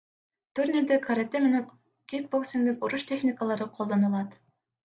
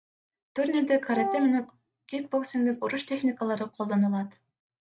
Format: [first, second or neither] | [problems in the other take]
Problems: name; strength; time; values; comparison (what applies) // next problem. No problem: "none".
first | noise reduction (neural mask model RNNoise)